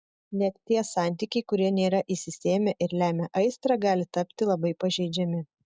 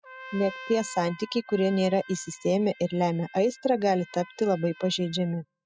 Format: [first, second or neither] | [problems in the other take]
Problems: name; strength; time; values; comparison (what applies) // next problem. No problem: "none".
first | noise reduction (classical method spectral subtraction)